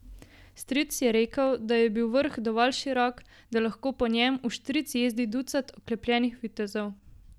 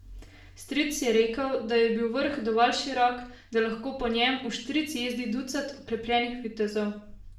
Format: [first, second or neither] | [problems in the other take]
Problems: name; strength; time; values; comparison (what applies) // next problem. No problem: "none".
first | room echo; dies away in 0.5 s